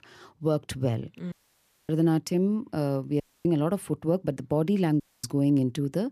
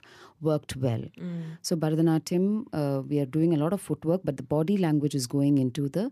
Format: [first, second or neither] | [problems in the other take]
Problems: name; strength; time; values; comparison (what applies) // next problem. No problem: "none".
second | audio cutting out; at 1.5 s for 0.5 s, at 3 s and at 5 s